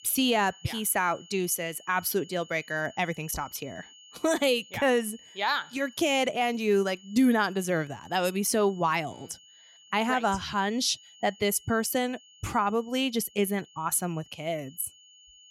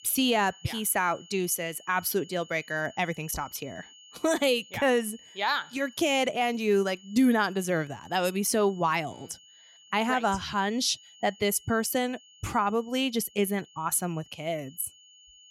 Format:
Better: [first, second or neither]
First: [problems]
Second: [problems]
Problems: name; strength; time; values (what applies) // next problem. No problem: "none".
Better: neither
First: high-pitched whine; faint; throughout; 3 kHz, 25 dB below the speech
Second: high-pitched whine; faint; throughout; 3 kHz, 25 dB below the speech